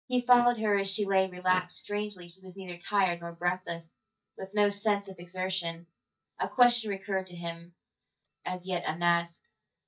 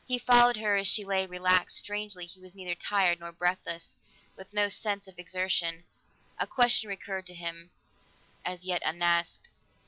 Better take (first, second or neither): second